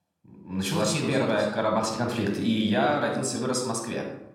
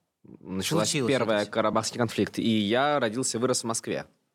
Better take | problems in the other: second | room echo; noticeable; dies away in 0.7 s

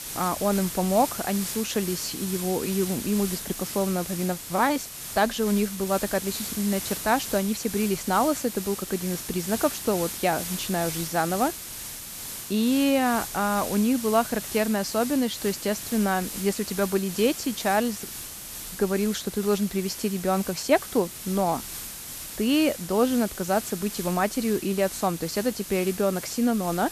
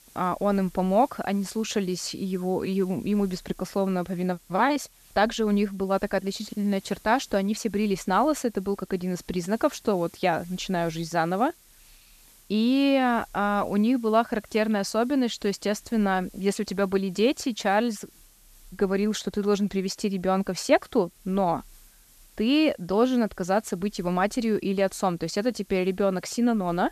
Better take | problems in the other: second | hiss; loud; throughout; 8 dB below the speech; faint in the second

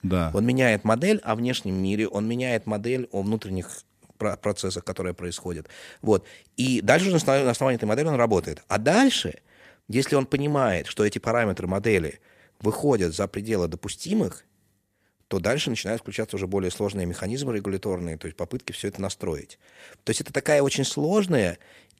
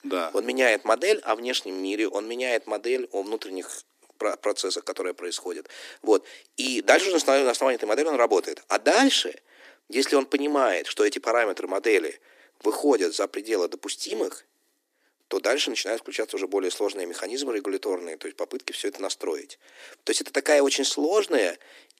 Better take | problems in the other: first | thin; somewhat; fading below 300 Hz

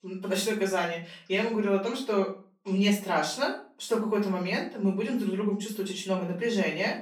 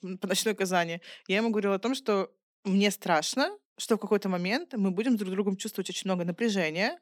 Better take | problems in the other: second | off-mic speech; far // room echo; slight; dies away in 0.3 s

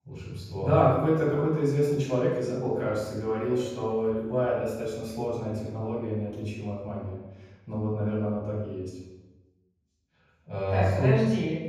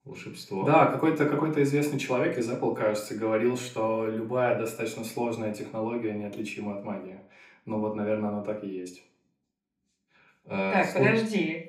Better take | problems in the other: second | room echo; strong; dies away in 1.3 s; slight in the second // off-mic speech; far; far in the second

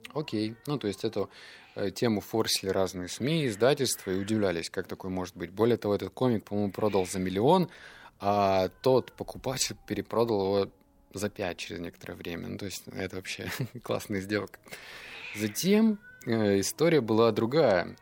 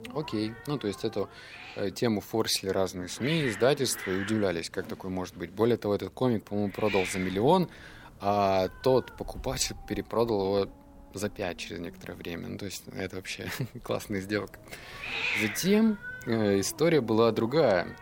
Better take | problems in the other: first | hiss; loud; throughout; 10 dB below the speech; faint in the first

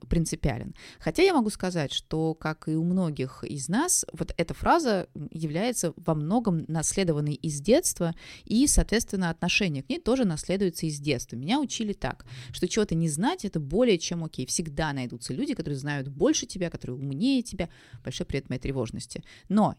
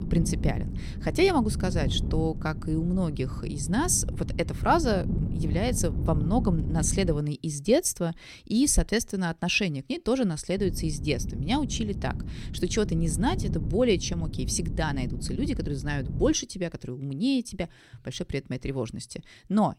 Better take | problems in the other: first | wind noise on the microphone; occasional gusts; until 7 s and from 11 to 16 s; 15 dB below the speech

